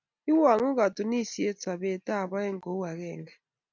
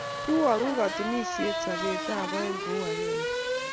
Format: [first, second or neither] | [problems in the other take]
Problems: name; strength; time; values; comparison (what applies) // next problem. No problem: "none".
first | background sound (Race car, auto racing / Accelerating, revving, vroom); 1 dB below the speech